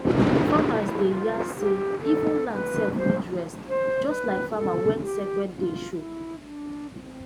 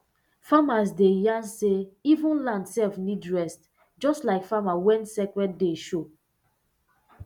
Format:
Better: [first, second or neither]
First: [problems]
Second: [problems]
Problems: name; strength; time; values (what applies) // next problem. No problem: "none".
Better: second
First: background sound (Wind instrument, woodwind instrument + Thunder); 3 dB above the speech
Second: none